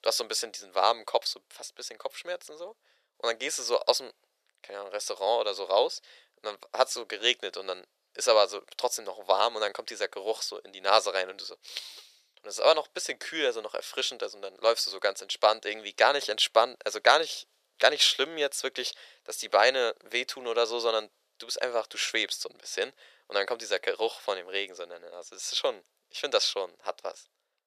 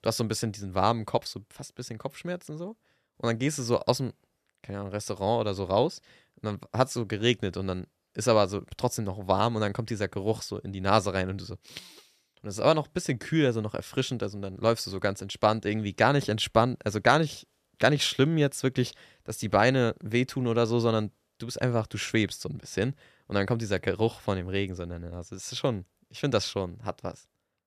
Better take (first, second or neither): second